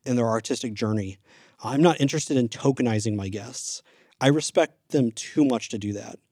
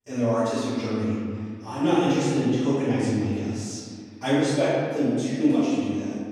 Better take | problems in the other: first | off-mic speech; far // room echo; strong; dies away in 1.9 s

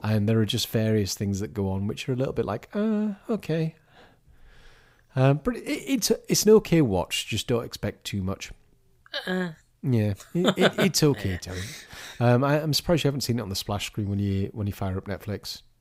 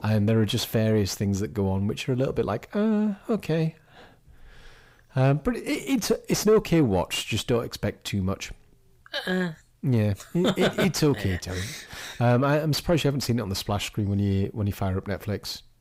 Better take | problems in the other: first | distortion; slight; 10 dB below the speech

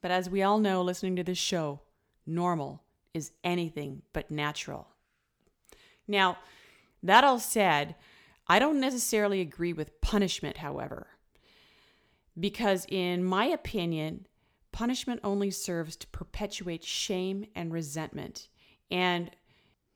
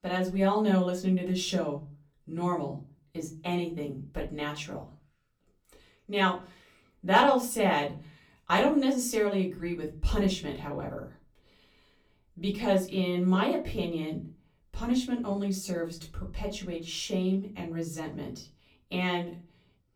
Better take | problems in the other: first | off-mic speech; far // room echo; very slight; dies away in 0.3 s

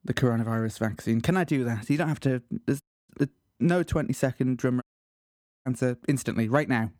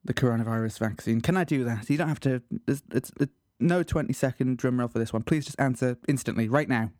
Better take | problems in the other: second | audio cutting out; at 3 s and at 5 s for 1 s

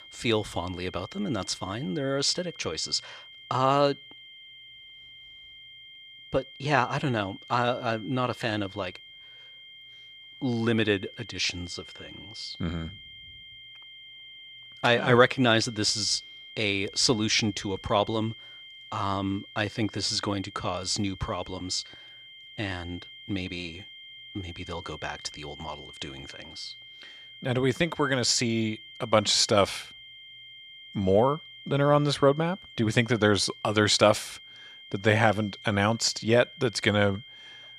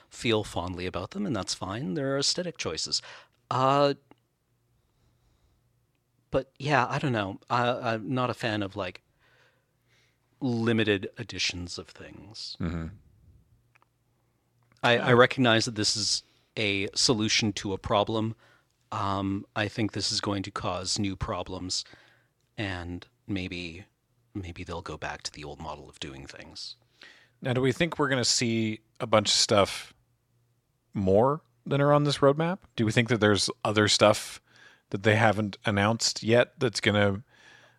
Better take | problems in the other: second | high-pitched whine; noticeable; throughout; 3 kHz, 20 dB below the speech

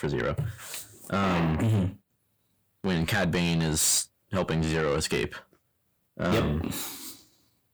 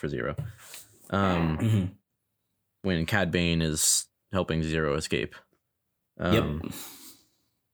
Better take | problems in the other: second | distortion; heavy; 7 dB below the speech

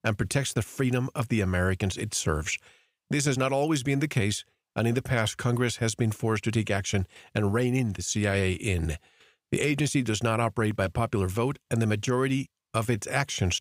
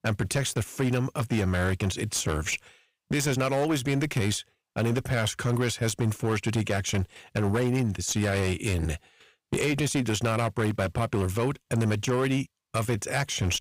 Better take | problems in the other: first | distortion; slight; 15% of the sound clipped

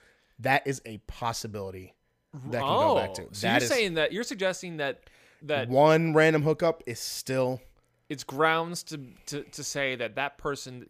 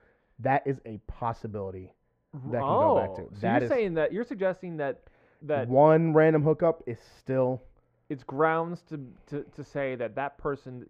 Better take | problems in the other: first | muffled; very; fading above 3 kHz

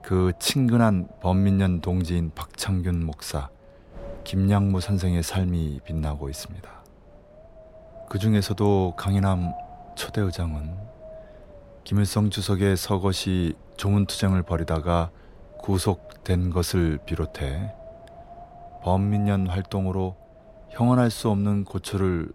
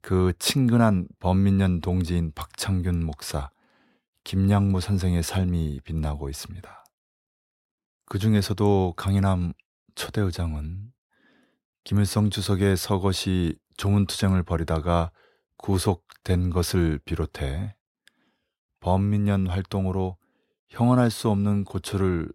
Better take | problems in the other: second | wind noise on the microphone; occasional gusts; 15 dB below the speech

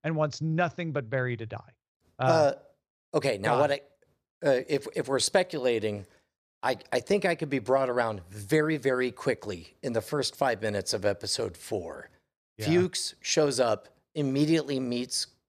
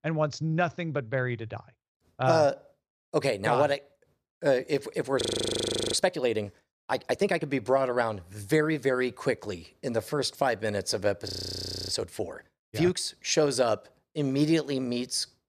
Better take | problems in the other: first | audio freezing; at 5 s for 0.5 s and at 11 s for 0.5 s

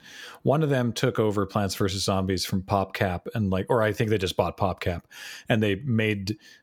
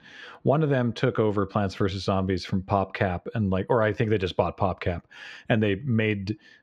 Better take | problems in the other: first | muffled; slightly; fading above 3 kHz

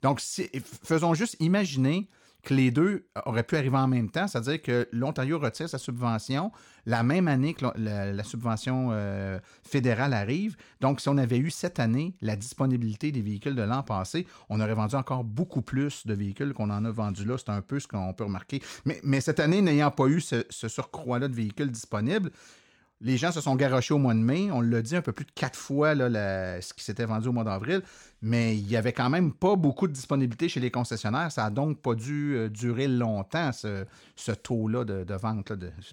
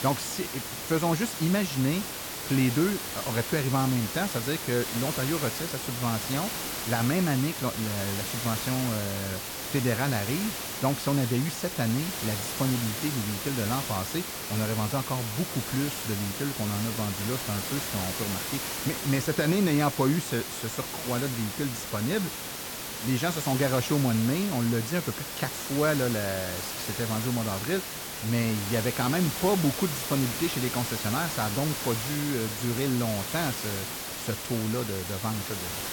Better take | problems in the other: first | hiss; loud; throughout; 3 dB below the speech

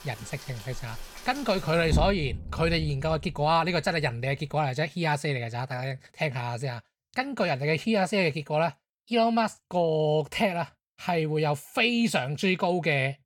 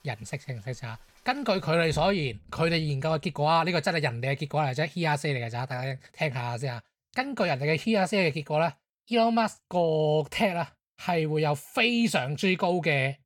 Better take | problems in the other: second | rain or running water; loud; until 4.5 s; 9 dB below the speech; faint in the second

